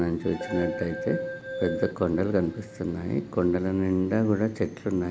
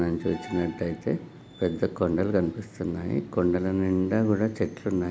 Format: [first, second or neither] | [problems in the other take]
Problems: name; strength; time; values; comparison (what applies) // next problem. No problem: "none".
second | background sound (Keyboard (musical)); 9 dB below the speech